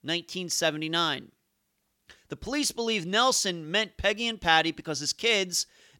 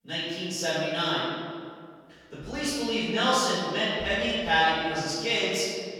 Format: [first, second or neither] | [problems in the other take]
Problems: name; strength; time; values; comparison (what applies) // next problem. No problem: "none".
first | off-mic speech; far // room echo; strong; dies away in 2 s